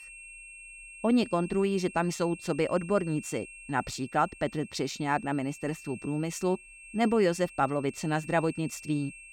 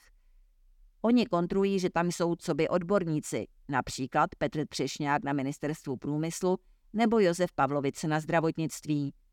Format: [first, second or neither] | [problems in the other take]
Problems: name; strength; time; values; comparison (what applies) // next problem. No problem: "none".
second | high-pitched whine; noticeable; throughout; 2.5 kHz, 15 dB below the speech